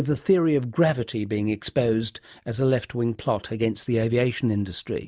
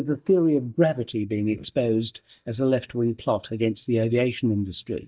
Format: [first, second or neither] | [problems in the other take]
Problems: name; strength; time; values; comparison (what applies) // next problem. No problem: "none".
first | noise reduction (neural mask model DeepFilterNet 3)